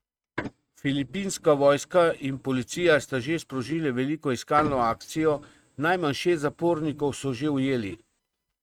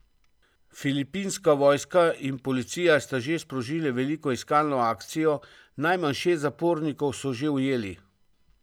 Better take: second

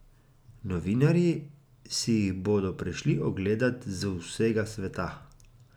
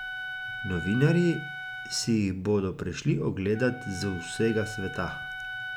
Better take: first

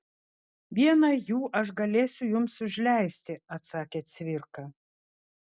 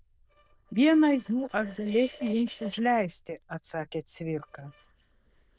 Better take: first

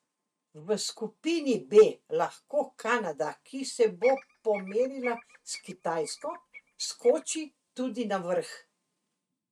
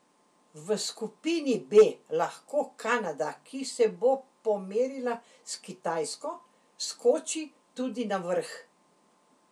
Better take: second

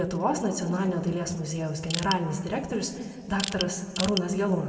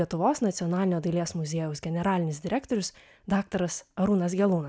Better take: second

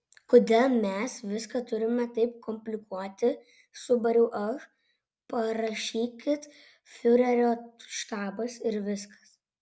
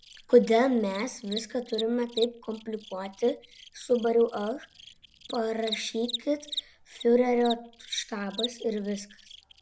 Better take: first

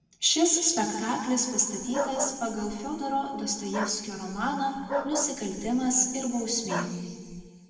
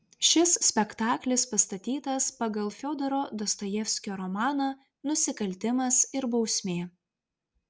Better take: second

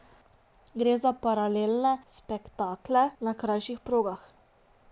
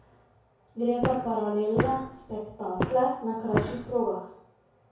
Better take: first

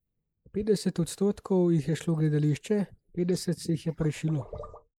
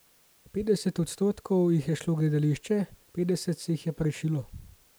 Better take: second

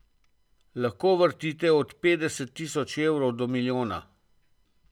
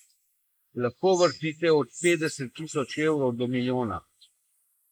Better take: first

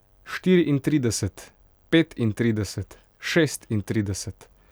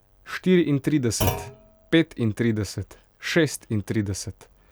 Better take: first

